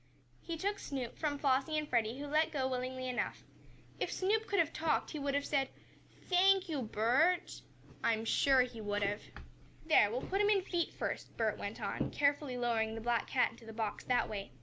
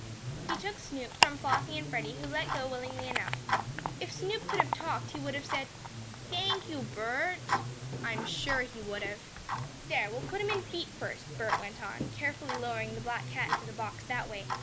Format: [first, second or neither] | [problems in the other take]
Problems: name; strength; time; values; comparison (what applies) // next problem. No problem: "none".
first | background sound (Tick-tock); as loud as the speech